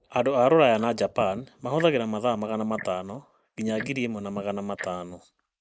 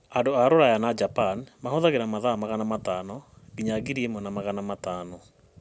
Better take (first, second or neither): second